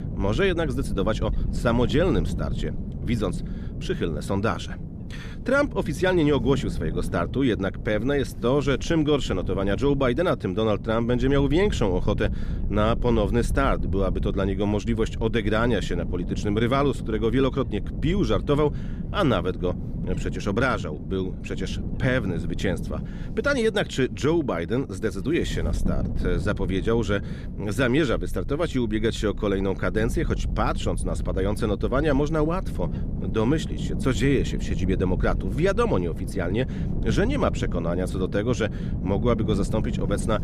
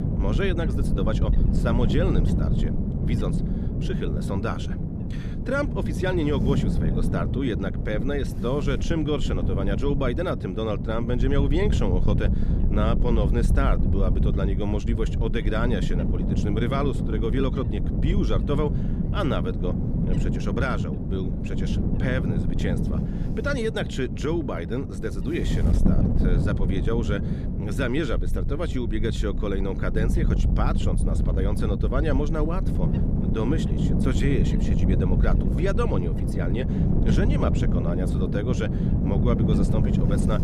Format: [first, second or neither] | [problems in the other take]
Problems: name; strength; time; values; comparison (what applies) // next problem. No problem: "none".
first | wind noise on the microphone; heavy; 5 dB below the speech; occasional gusts in the first